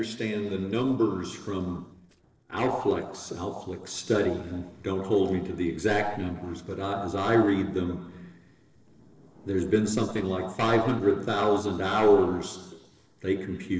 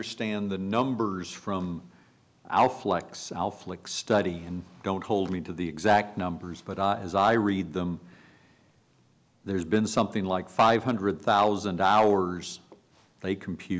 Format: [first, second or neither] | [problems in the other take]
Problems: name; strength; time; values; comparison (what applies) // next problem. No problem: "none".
second | noise reduction (neural separator model SepFormer DNS4)